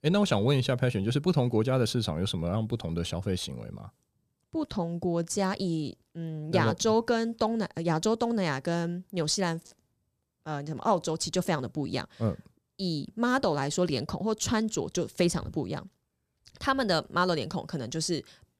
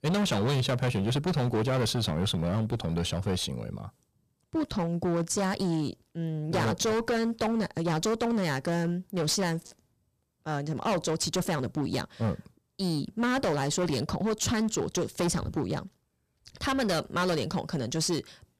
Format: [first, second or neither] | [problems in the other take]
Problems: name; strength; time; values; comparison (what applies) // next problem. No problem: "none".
first | distortion; heavy; 16% of the sound clipped